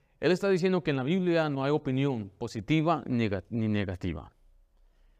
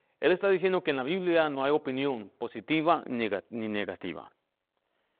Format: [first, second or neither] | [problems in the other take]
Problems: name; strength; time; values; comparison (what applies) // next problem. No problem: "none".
first | phone-call audio; nothing above 3.5 kHz